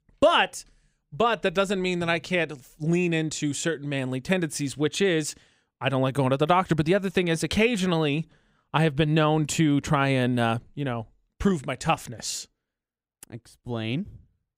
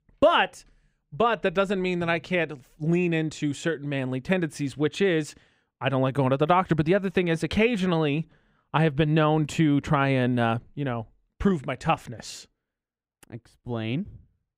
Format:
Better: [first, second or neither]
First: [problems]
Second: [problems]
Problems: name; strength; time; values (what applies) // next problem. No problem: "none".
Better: first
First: none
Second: muffled; slightly; fading above 4 kHz